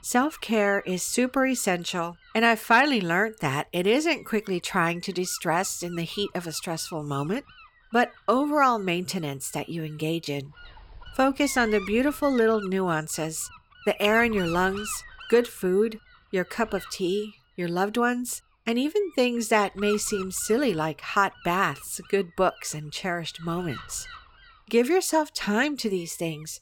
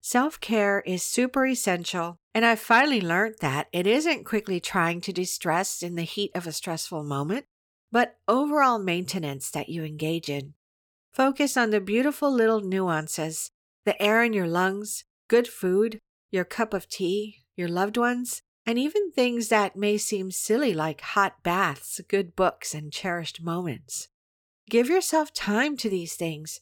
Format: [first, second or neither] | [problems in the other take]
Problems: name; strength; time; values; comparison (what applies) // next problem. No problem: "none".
second | wind noise on the microphone; occasional gusts; 15 dB below the speech